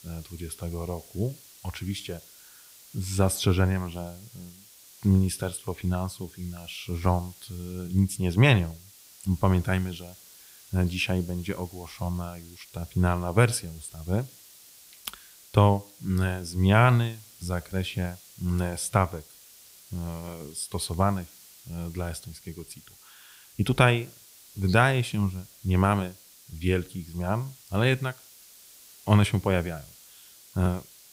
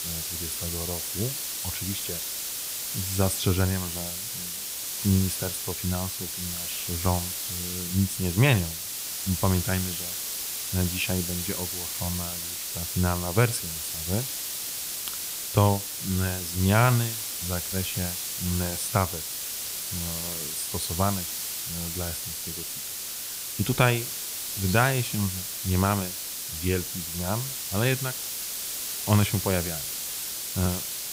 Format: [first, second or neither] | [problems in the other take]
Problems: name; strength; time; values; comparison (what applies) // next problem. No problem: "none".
first | hiss; loud; throughout; 2 dB below the speech; faint in the first